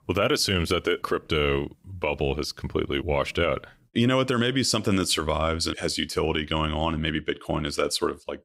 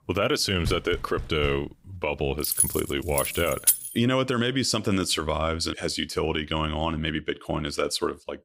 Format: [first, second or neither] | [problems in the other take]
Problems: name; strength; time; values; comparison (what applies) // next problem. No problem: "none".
first | door banging; noticeable; at 0.5 s; peak 8 dB below the speech // jangling keys; loud; from 2.5 to 4 s; peak 5 dB above the speech